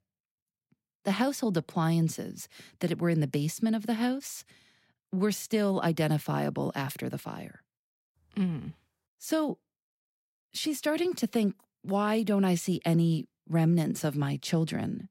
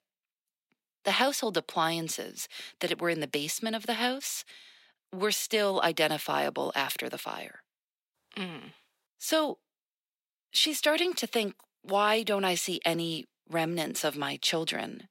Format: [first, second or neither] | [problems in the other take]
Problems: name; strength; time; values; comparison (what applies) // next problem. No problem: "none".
first | thin; somewhat; fading below 500 Hz